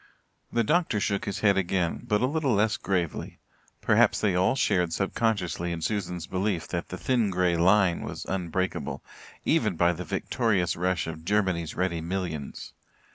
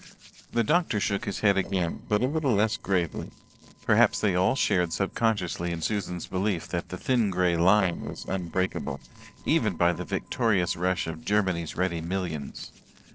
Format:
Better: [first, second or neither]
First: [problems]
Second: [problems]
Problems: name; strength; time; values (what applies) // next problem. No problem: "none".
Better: first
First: none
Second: noise reduction (neural separator model SepFormer DNS4)